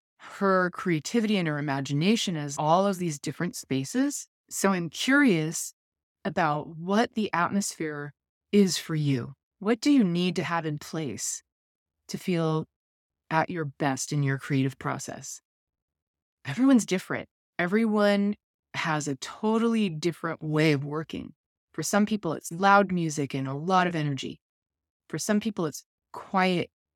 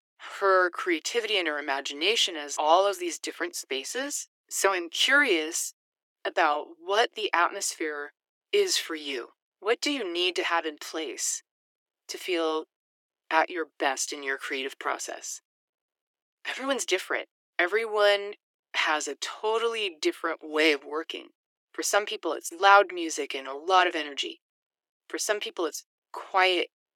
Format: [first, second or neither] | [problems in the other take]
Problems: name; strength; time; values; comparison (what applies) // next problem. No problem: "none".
first | thin; very; fading below 350 Hz